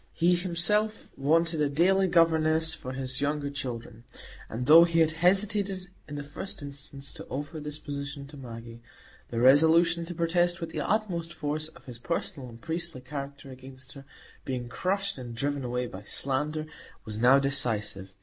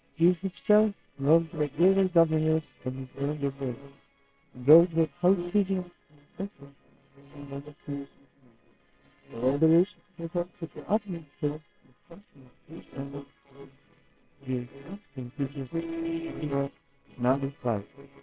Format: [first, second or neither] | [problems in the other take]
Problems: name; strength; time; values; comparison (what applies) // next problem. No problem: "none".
first | noise reduction (neural separator model SepFormer WHAMR!)